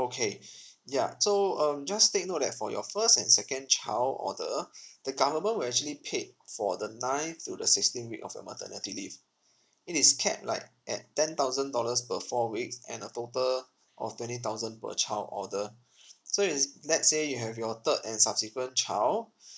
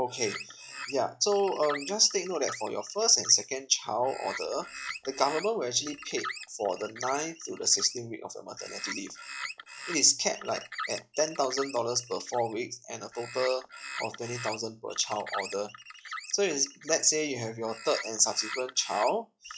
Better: first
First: none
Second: noise reduction (classical method log-MMSE)

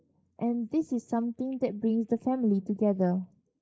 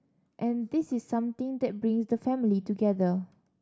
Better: second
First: noise reduction (neural mask model Resemble Enhance denoiser)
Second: none

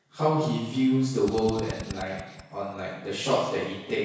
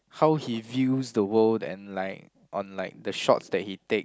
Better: second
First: background sound (Drill); 12 dB below the speech // room echo; dies away in 1.1 s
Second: none

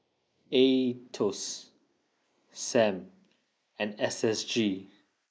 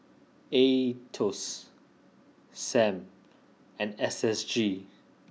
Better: second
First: noise reduction (neural mask model Resemble Enhance denoiser)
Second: none

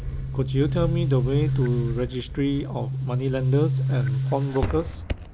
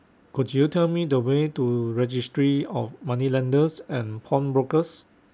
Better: second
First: background sound (Boom); 1 dB above the speech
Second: none

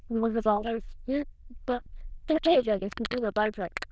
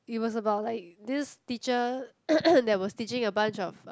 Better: second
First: noise reduction (neural diffusion model UNIVERSE++)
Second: none

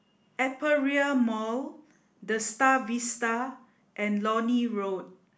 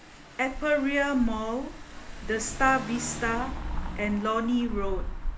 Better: first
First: none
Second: background sound (Engine / Car); 6 dB below the speech

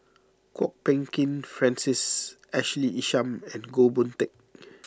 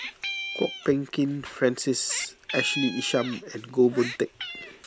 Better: first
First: none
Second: background sound (Meow); 9 dB below the speech

